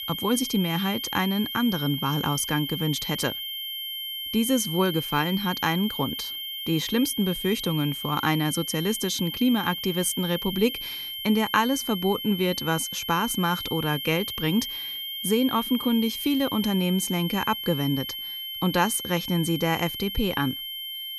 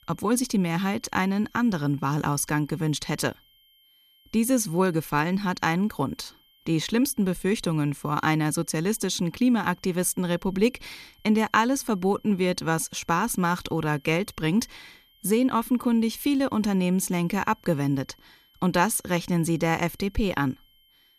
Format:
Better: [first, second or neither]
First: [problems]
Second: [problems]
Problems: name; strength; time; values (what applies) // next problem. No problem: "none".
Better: second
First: high-pitched whine; loud; throughout; 3 kHz, 5 dB below the speech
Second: high-pitched whine; faint; throughout; 3 kHz, 35 dB below the speech